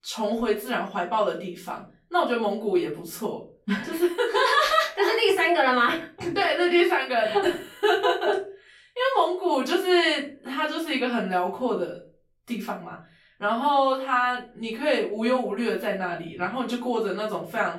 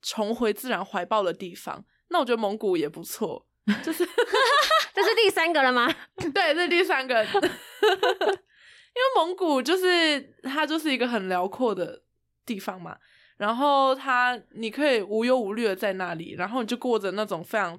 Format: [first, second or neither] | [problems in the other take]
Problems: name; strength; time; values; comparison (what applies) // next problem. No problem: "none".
second | off-mic speech; far // room echo; slight; dies away in 0.3 s